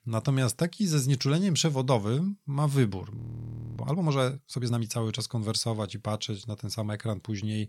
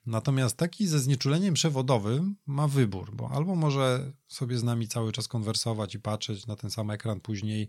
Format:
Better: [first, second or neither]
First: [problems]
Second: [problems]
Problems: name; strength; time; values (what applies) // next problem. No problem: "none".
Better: second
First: audio freezing; at 3 s for 0.5 s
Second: none